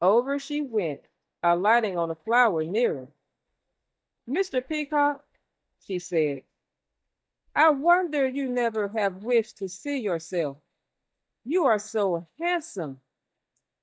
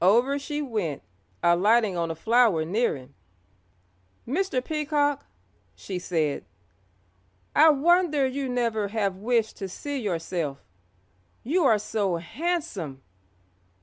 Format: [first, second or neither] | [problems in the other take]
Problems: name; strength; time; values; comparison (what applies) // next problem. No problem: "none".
second | noise reduction (neural mask model DeepFilterNet 3)